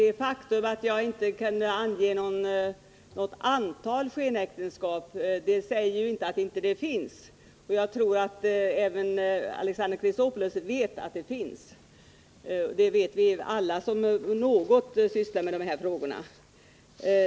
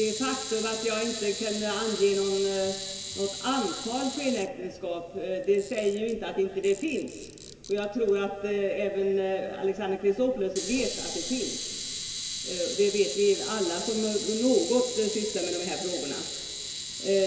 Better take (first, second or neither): first